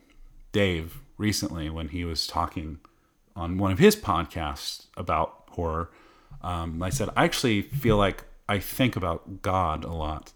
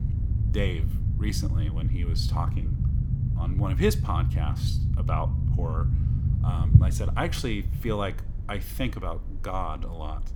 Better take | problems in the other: first | low rumble; loud; throughout; 6 dB below the speech

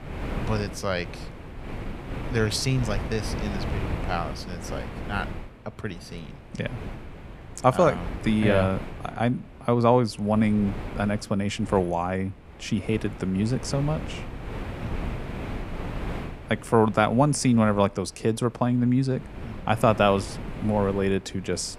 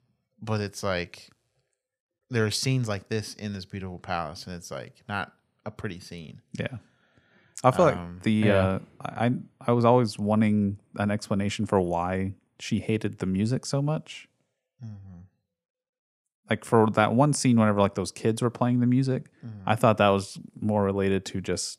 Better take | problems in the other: second | wind noise on the microphone; occasional gusts; 15 dB below the speech

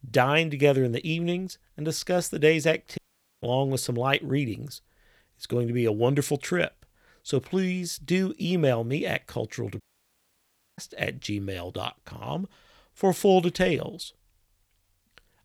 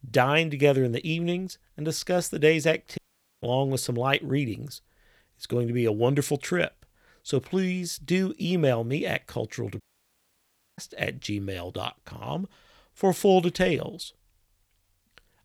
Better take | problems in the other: neither | audio cutting out; at 3 s and at 10 s for 1 s; the same in both

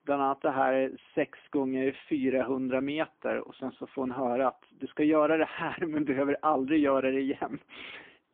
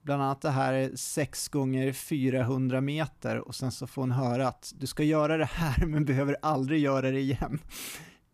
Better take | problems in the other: second | phone-call audio; poor line

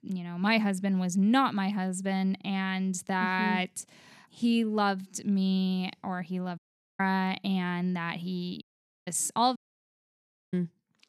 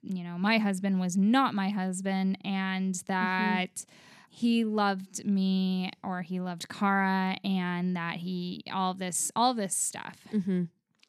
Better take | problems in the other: second | audio cutting out; at 6.5 s, at 8.5 s and at 9.5 s for 1 s

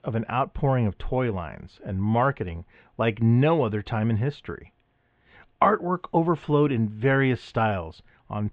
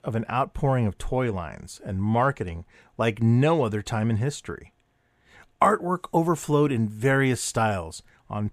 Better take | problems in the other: second | muffled; very; fading above 3 kHz

